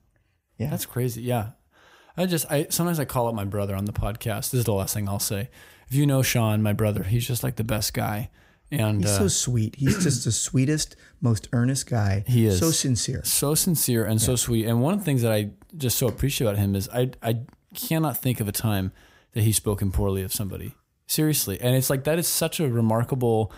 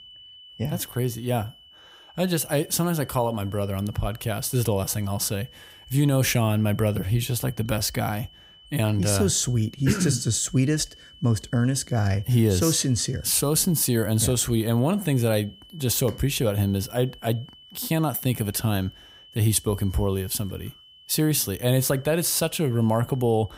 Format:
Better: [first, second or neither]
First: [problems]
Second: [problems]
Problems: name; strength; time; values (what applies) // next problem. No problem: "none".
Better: first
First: none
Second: high-pitched whine; faint; throughout; 3 kHz, 25 dB below the speech